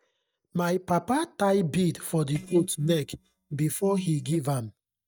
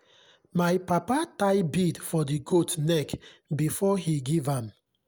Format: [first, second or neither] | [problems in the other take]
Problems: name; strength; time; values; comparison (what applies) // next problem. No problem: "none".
second | noise reduction (neural mask model DeepFilterNet 3)